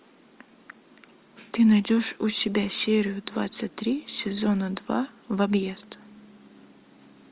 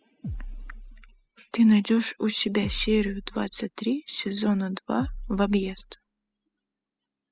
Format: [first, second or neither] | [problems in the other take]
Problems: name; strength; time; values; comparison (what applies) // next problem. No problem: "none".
first | noise reduction (classical method spectral subtraction)